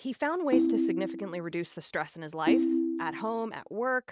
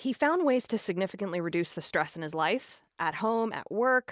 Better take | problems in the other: second | noise reduction (neural mask model RNNoise)

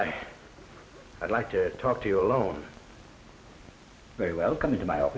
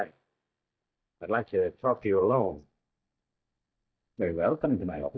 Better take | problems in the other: first | noise reduction (neural mask model DeepFilterNet 3)

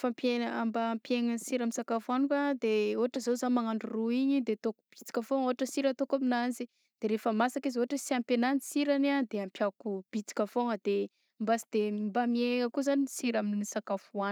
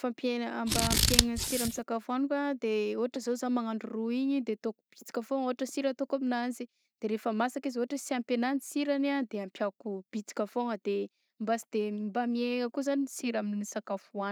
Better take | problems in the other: first | background sound (Scissors); 4 dB above the speech

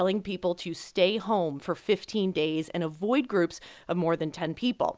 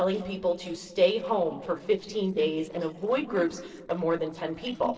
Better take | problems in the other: first | noise reduction (neural separator model SepFormer DNS4)

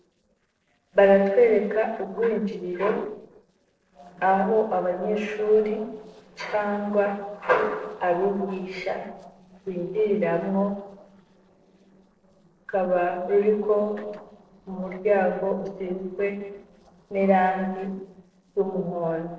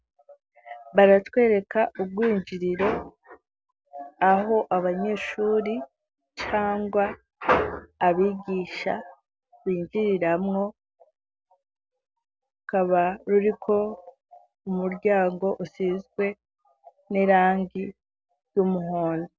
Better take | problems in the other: second | noise reduction (neural separator model SepFormer DNS4)

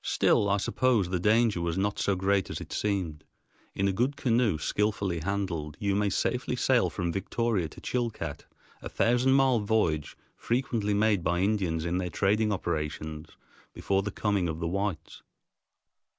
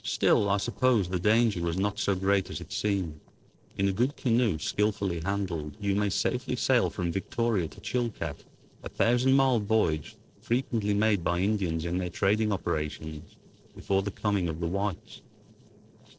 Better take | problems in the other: first | noise reduction (neural separator model SepFormer DNS4)

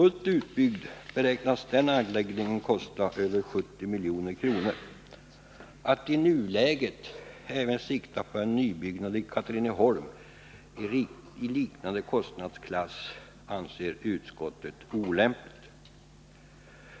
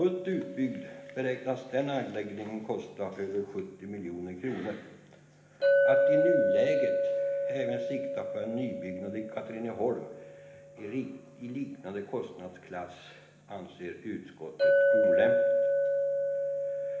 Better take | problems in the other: first | background sound (Chink, clink); 5 dB above the speech // room echo; dies away in 1 s

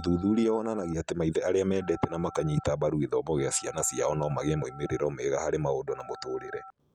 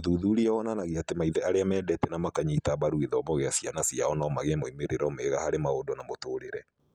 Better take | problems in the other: second | background sound (Telephone); 19 dB below the speech

